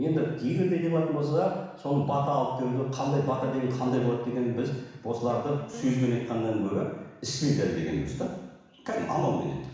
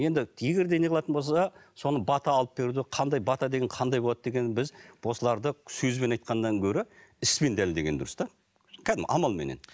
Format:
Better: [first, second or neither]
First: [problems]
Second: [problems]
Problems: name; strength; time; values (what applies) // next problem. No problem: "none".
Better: second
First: background sound (Guitar); 13 dB below the speech // room echo; dies away in 1.1 s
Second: none